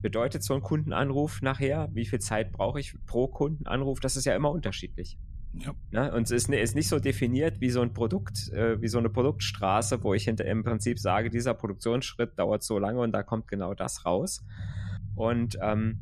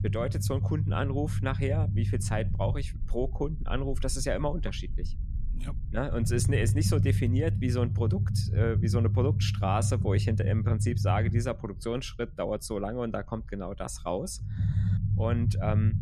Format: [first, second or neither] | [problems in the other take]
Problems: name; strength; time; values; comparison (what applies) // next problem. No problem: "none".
first | low rumble; loud; throughout; 8 dB below the speech; faint in the first